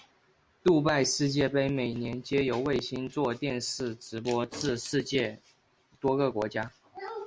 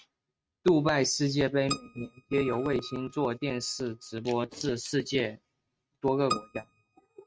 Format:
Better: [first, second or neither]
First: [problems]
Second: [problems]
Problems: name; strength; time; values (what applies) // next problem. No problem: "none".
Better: first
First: none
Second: noise reduction (neural mask model RNNoise)